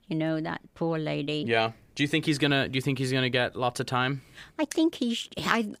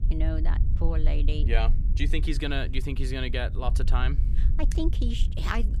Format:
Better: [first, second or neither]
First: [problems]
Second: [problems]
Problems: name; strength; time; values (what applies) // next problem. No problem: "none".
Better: first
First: none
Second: wind noise on the microphone; occasional gusts; 15 dB below the speech